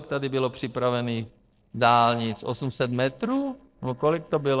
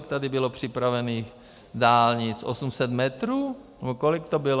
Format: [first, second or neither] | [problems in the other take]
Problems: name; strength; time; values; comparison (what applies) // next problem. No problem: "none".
second | noise reduction (neural separator model SepFormer DNS4)